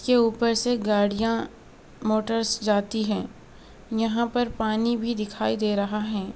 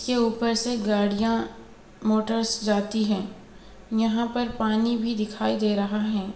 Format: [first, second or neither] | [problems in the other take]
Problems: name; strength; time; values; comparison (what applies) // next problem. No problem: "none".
first | room echo; dies away in 0.8 s